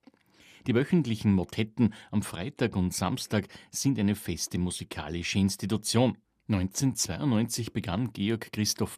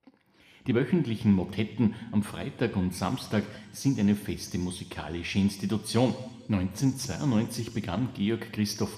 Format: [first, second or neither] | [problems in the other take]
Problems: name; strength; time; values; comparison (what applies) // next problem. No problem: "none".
first | room echo; very slight; dies away in 1.4 s